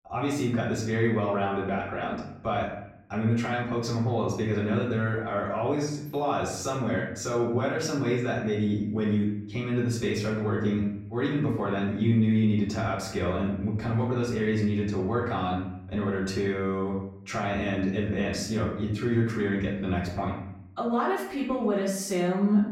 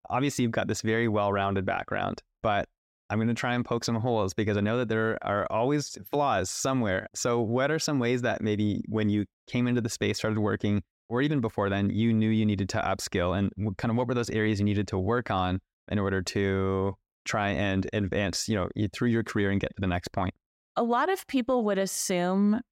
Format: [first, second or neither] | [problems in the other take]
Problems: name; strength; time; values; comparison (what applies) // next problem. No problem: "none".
second | off-mic speech; far // room echo; noticeable; dies away in 0.7 s